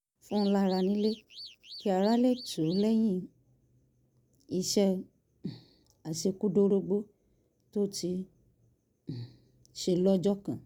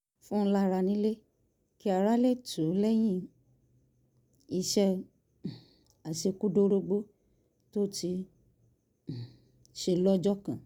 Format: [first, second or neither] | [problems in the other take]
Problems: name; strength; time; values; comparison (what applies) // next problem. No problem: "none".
second | background sound (Alarm / Car); 17 dB below the speech